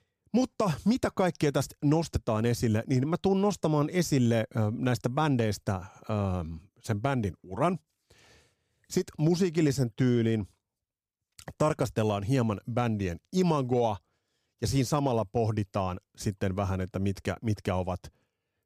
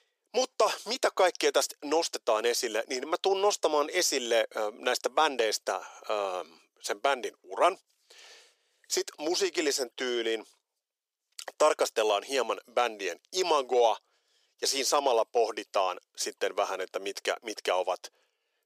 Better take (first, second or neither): first